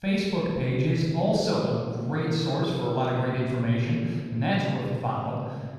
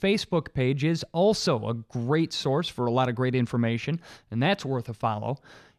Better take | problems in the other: second | off-mic speech; far // room echo; strong; dies away in 1.8 s

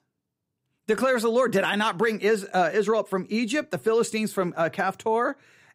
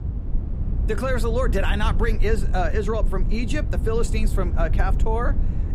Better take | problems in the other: first | low rumble; noticeable; throughout; 15 dB below the speech

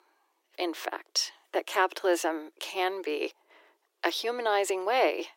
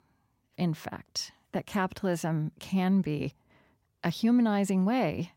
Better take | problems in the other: second | thin; very; fading below 350 Hz

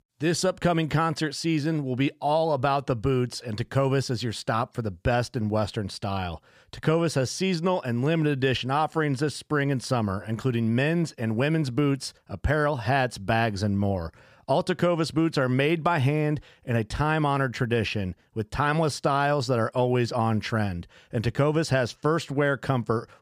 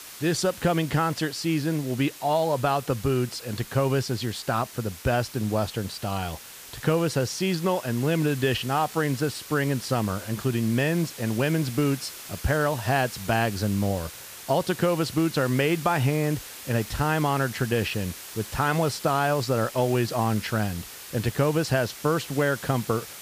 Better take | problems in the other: first | hiss; noticeable; throughout; 15 dB below the speech

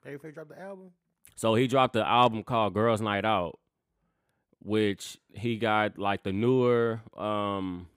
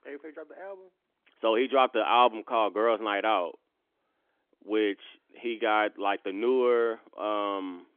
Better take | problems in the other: first | phone-call audio; nothing above 3.5 kHz

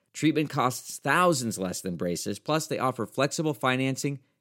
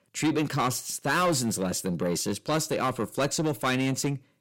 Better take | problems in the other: first | distortion; heavy; 8 dB below the speech

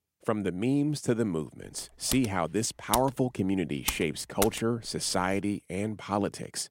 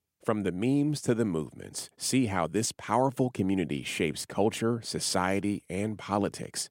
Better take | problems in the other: second | keyboard typing; noticeable; from 2 to 4.5 s; peak 3 dB below the speech

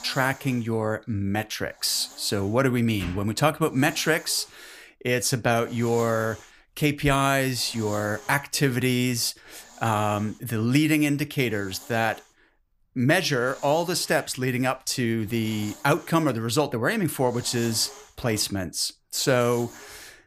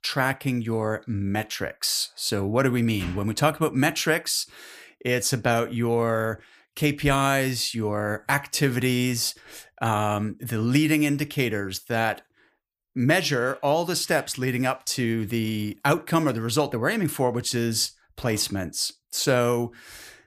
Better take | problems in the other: second | hiss; faint; throughout; 20 dB below the speech

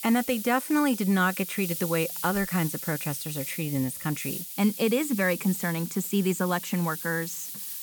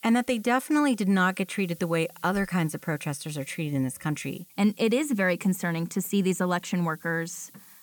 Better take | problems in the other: second | hiss; loud; throughout; 7 dB below the speech; faint in the second

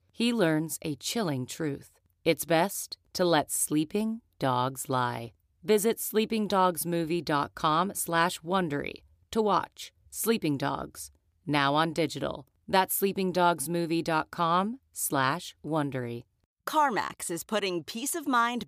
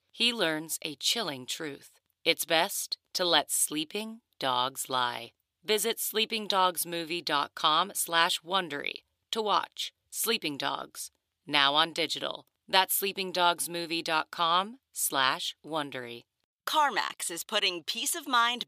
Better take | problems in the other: first | thin; somewhat; fading below 800 Hz

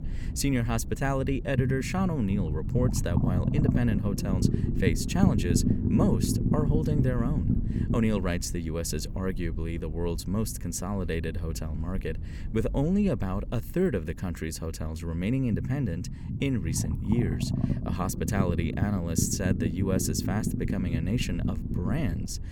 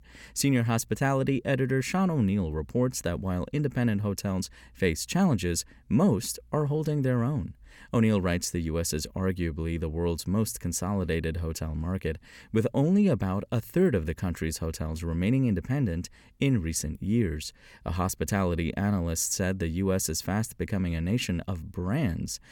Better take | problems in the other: second | low rumble; loud; throughout; 4 dB below the speech

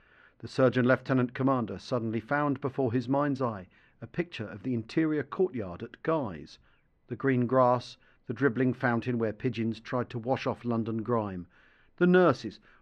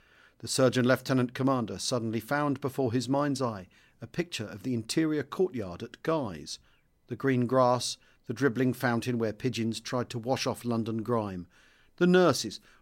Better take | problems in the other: second | muffled; slightly; fading above 2 kHz

